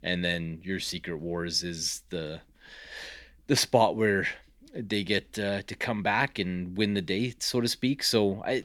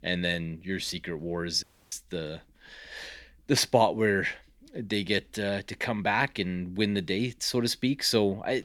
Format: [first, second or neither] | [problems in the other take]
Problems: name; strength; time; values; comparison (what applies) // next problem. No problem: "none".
first | audio cutting out; at 1.5 s